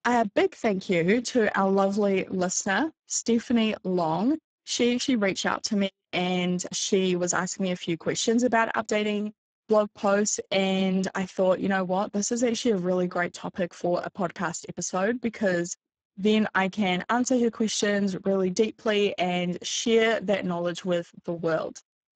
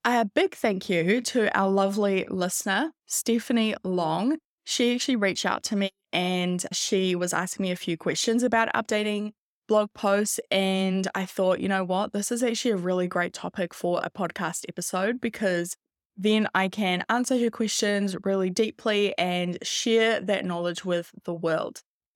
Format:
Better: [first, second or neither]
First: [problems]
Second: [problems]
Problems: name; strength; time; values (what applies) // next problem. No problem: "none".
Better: second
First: garbled, watery; badly; nothing above 7.5 kHz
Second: none